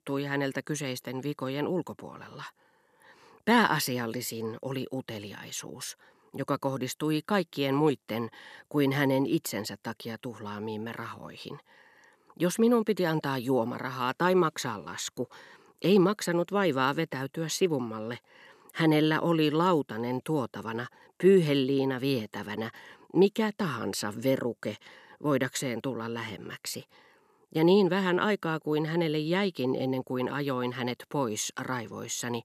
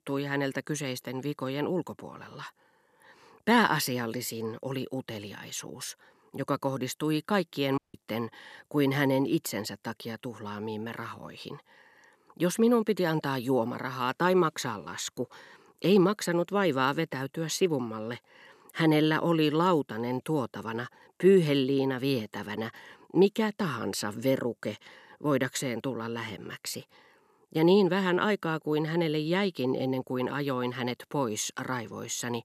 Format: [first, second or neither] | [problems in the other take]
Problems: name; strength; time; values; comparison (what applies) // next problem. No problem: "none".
first | audio cutting out; at 8 s